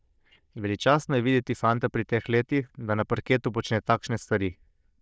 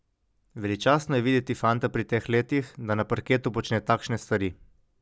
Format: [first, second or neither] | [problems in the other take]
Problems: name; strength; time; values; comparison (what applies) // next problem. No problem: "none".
second | noise reduction (neural diffusion model UNIVERSE++)